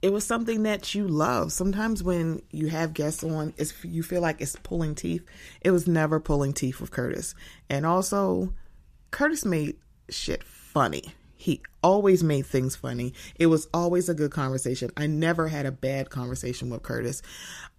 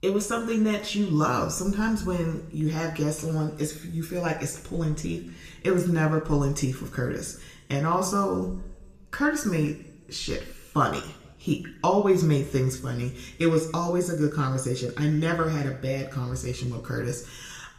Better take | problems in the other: first | room echo; slight; dies away in 0.7 s // off-mic speech; somewhat distant

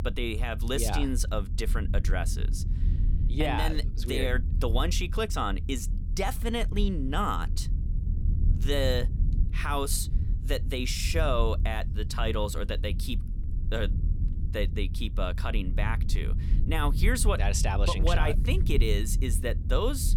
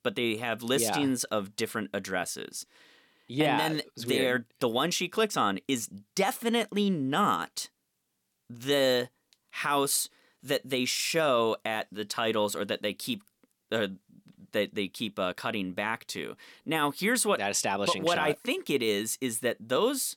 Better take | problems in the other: second | low rumble; noticeable; throughout; 15 dB below the speech

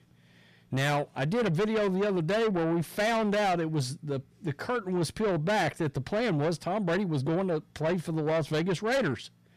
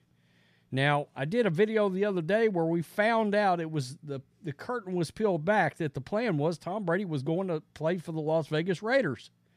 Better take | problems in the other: second | distortion; heavy; 7 dB below the speech

